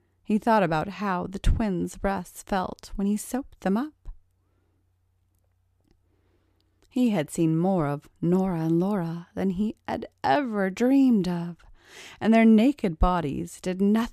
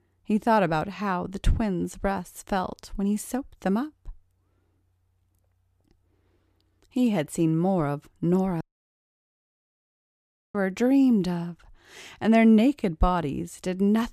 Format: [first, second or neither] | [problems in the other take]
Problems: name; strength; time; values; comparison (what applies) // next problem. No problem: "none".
first | audio cutting out; at 8.5 s for 2 s